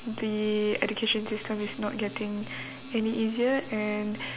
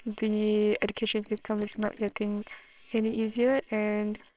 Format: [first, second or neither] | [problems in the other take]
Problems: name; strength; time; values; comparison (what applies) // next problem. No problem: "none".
first | noise reduction (neural separator model SepFormer WHAMR!)